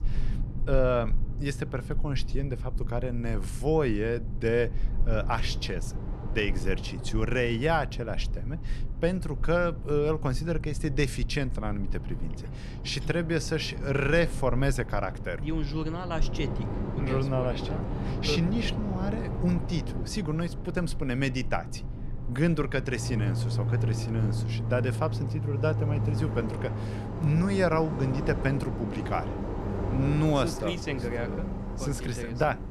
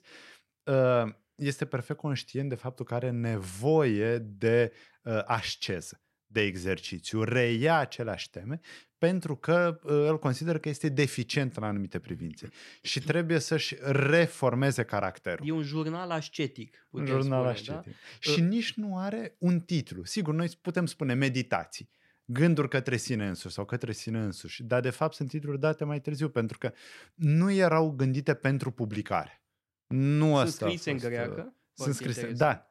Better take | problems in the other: second | train or aircraft noise; loud; throughout; 4 dB below the speech

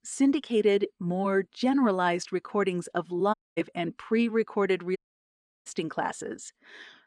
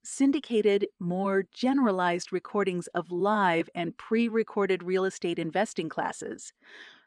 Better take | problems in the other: second | audio cutting out; at 3.5 s and at 5 s for 0.5 s

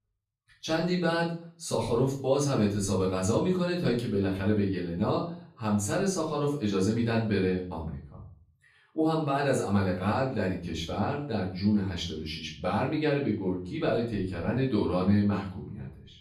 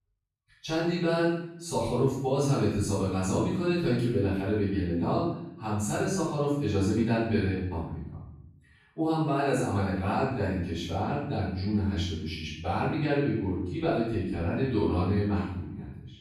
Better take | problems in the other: first | room echo; strong; dies away in 0.8 s; slight in the first // off-mic speech; far; far in the first

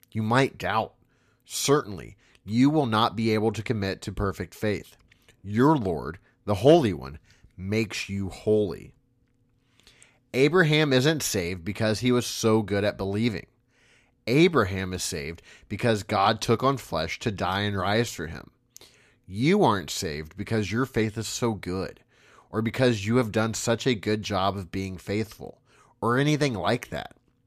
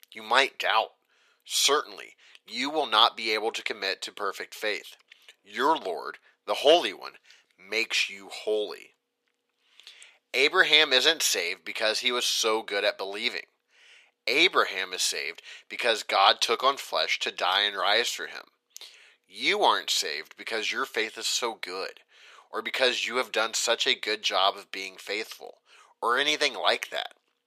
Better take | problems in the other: first | thin; very; fading below 500 Hz

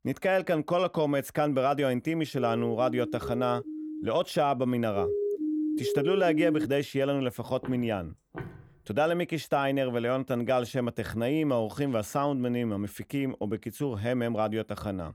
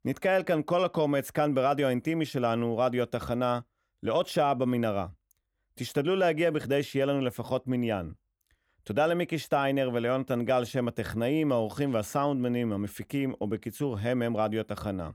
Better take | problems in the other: second | siren; noticeable; from 2.5 to 4 s and from 5 to 6.5 s; peak level with the speech // footsteps; faint; from 7.5 to 8.5 s; peak 15 dB below the speech

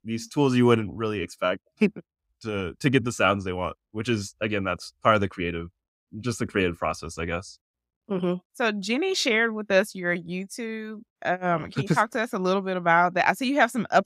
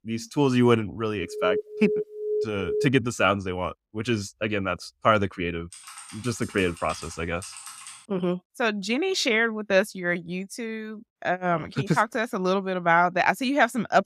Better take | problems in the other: first | alarm; noticeable; from 1.5 to 3 s; peak 4 dB below the speech // keyboard typing; faint; from 5.5 to 8 s; peak 15 dB below the speech

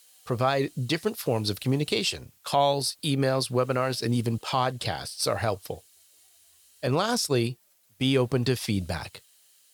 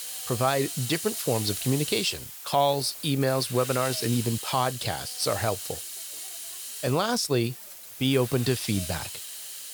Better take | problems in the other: first | hiss; loud; throughout; 7 dB below the speech; faint in the first

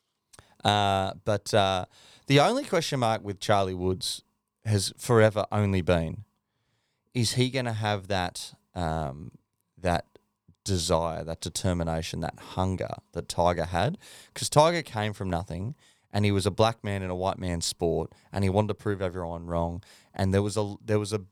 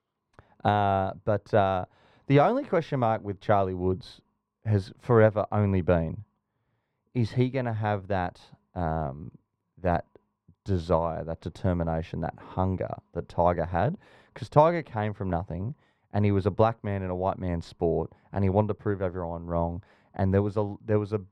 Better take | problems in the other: first | muffled; very; fading above 3.5 kHz

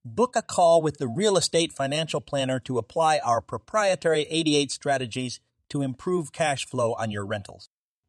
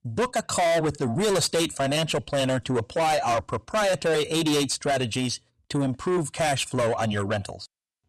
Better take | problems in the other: first | distortion; heavy; 7 dB below the speech

